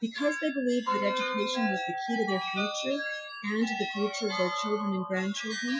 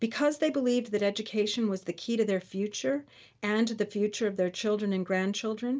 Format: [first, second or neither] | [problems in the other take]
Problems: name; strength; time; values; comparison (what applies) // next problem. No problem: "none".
second | noise reduction (classical method Wiener filter)